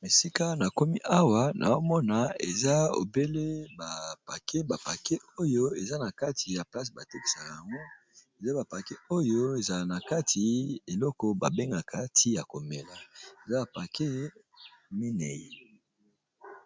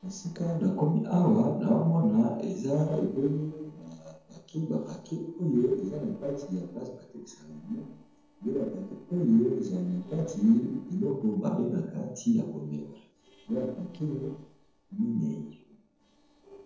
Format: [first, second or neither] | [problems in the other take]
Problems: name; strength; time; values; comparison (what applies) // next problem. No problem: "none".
first | noise reduction (neural separator model SepFormer DNS4)